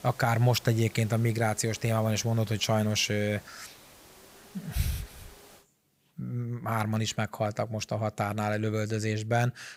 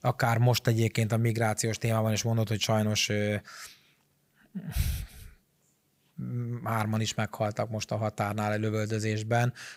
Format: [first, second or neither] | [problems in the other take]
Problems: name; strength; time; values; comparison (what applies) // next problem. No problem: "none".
second | hiss; faint; until 5.5 s; 20 dB below the speech